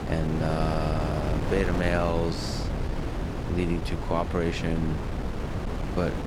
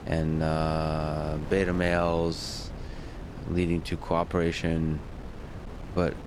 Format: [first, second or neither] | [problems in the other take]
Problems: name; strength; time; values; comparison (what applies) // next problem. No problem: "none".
second | wind noise on the microphone; heavy; 5 dB below the speech; occasional gusts in the second